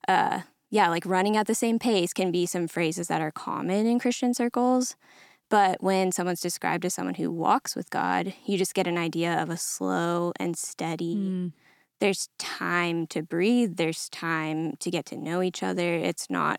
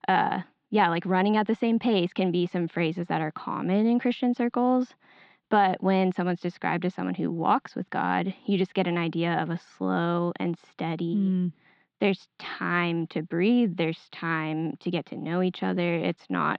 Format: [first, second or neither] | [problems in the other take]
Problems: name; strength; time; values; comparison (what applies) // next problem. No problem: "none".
first | muffled; very; fading above 3.5 kHz